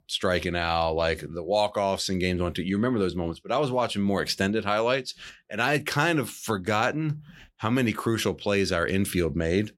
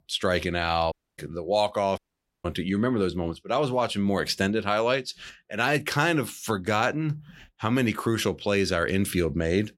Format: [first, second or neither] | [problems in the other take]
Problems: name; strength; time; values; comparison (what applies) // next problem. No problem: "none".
first | audio cutting out; at 1 s and at 2 s